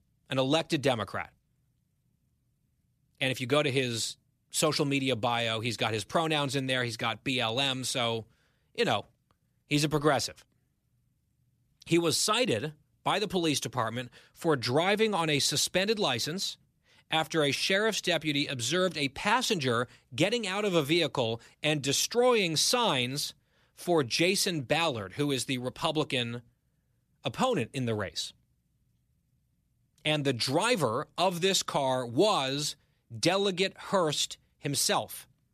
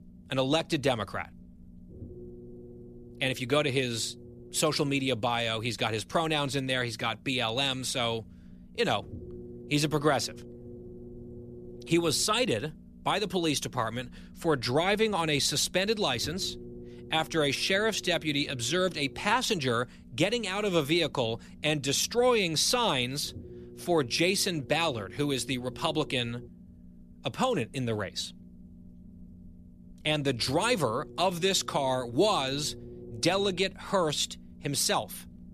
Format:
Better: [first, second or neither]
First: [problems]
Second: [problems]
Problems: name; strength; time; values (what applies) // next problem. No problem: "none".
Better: first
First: none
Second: low rumble; faint; throughout; 25 dB below the speech